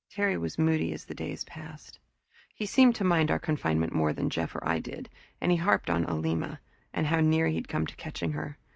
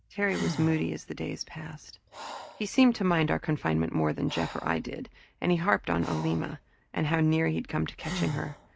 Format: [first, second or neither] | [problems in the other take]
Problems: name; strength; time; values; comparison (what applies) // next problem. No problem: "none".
first | background sound (Breathing); 14 dB below the speech